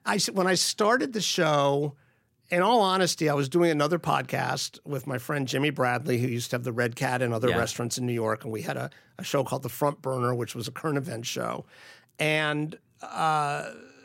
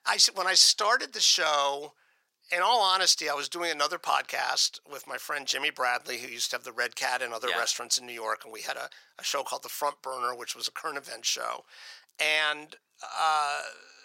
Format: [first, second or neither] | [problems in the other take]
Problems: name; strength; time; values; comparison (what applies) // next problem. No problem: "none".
first | thin; very; fading below 850 Hz